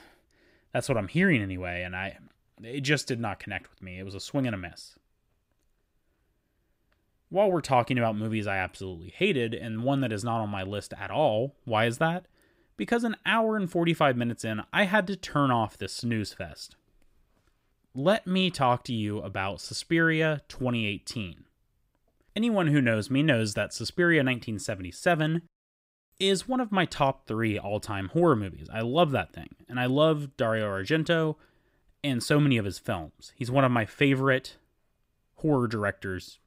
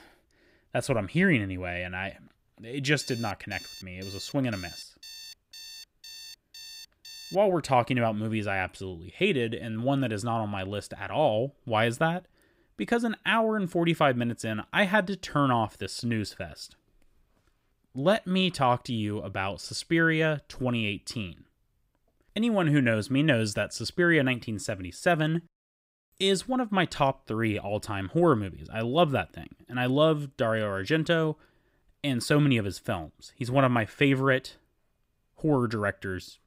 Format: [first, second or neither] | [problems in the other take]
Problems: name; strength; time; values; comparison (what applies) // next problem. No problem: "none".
first | alarm; faint; from 3 to 7.5 s; peak 15 dB below the speech